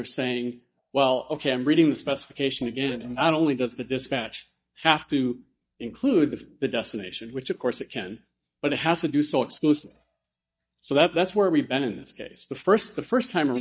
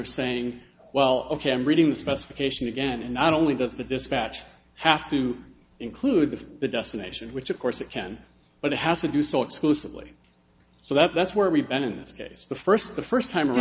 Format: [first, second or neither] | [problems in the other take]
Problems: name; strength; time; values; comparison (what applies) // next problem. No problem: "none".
second | noise reduction (neural mask model DeepFilterNet 3)